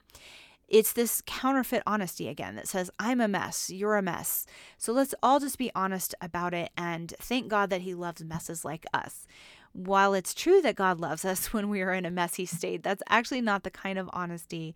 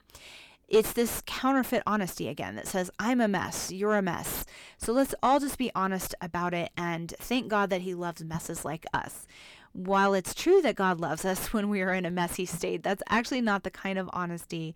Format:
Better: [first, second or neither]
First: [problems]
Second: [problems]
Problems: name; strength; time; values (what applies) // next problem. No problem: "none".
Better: first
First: none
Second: distortion; slight; 9 dB below the speech